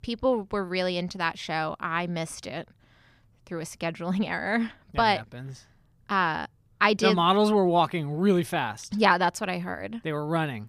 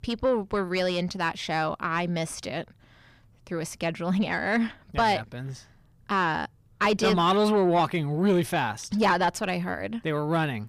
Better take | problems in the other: first | distortion; slight; 10 dB below the speech

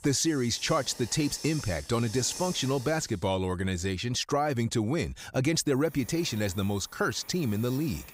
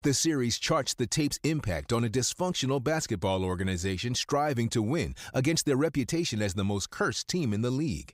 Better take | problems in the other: second | hiss; noticeable; throughout; 15 dB below the speech

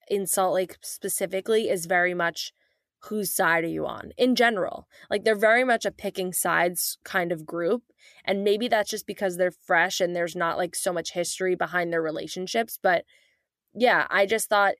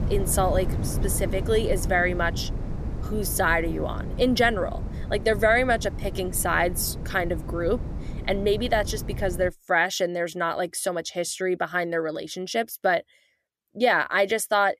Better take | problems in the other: first | wind noise on the microphone; occasional gusts; until 9.5 s; 15 dB below the speech

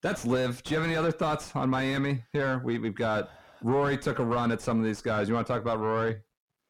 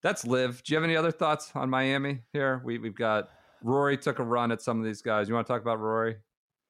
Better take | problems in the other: second | distortion; heavy; 7 dB below the speech

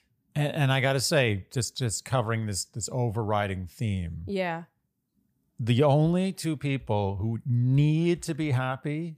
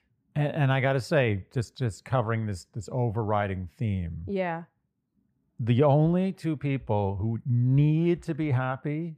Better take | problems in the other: first | muffled; slightly; fading above 3.5 kHz

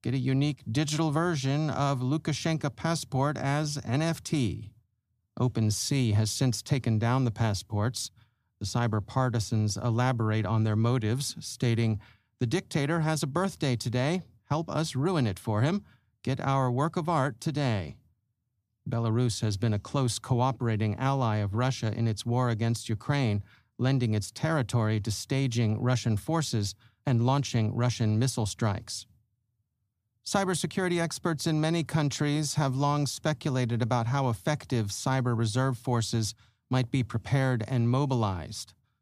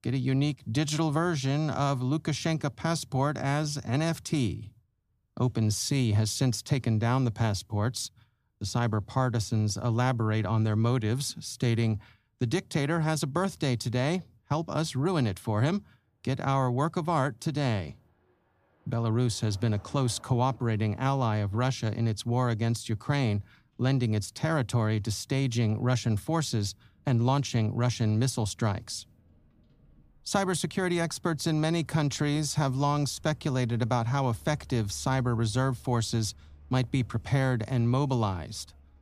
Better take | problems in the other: first | traffic noise; faint; throughout; 30 dB below the speech

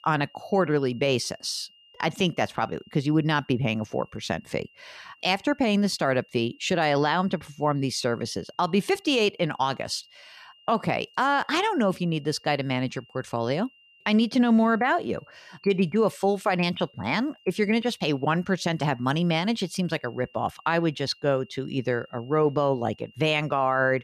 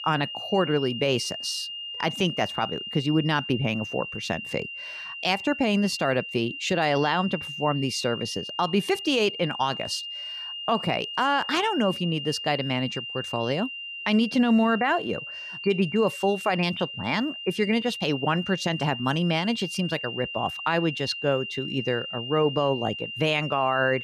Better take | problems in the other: first | high-pitched whine; loud; throughout; 3 kHz, 7 dB below the speech; faint in the first

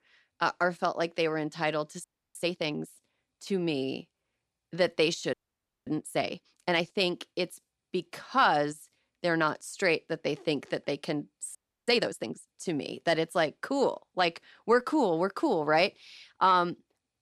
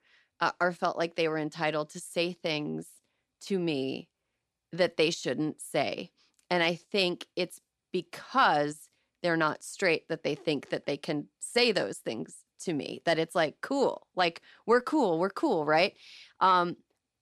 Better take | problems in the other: second | audio freezing; at 2 s, at 5.5 s for 0.5 s and at 12 s

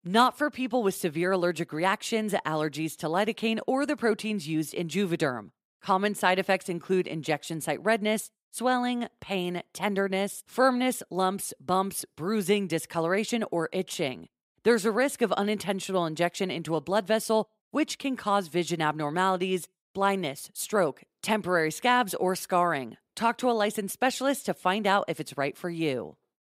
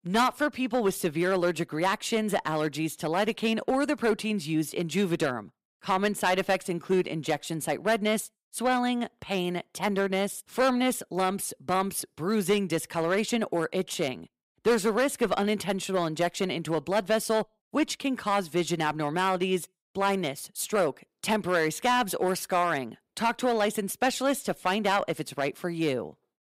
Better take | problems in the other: first | distortion; slight; 3% of the sound clipped

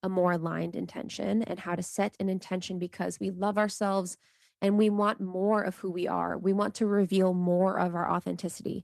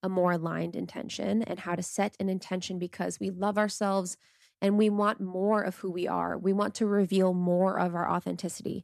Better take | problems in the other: second | garbled, watery; slightly; nothing above 13.5 kHz

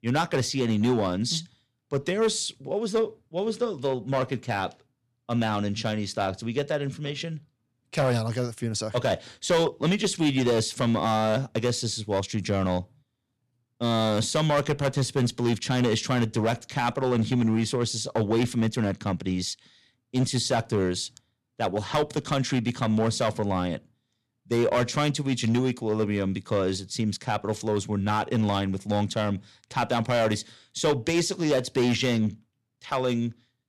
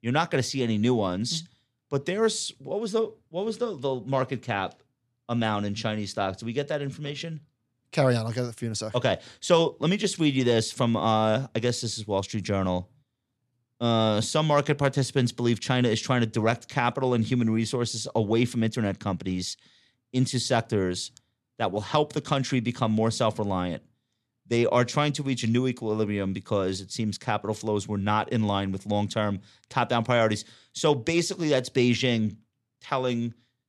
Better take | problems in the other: second | distortion; slight; 5% of the sound clipped

